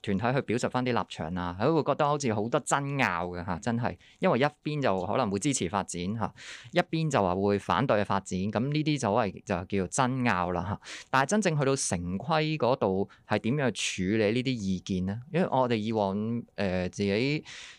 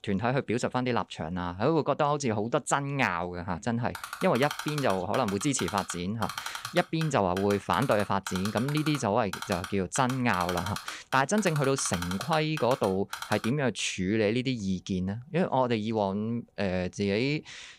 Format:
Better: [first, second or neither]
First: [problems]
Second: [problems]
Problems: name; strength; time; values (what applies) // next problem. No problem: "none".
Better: first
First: none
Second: keyboard typing; noticeable; from 4 to 14 s; peak 7 dB below the speech